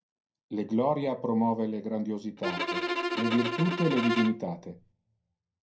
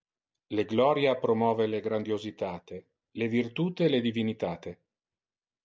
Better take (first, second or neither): second